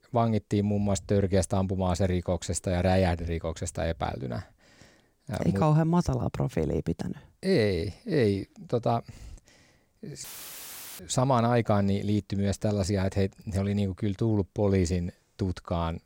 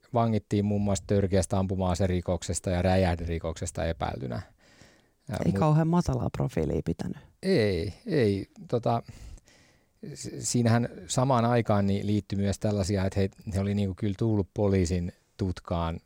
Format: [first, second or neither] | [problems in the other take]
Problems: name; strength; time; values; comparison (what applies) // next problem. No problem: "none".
second | audio cutting out; filled with static; at 10 s for 1 s